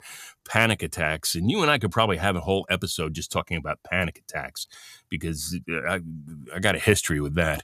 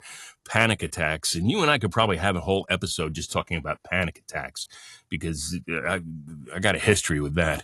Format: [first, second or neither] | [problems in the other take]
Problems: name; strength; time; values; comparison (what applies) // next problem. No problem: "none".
first | garbled, watery; slightly; nothing above 11.5 kHz